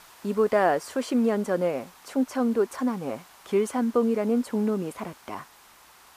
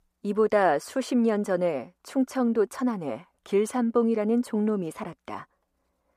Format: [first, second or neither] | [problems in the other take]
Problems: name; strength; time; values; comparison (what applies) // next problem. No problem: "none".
second | hiss; faint; throughout; 25 dB below the speech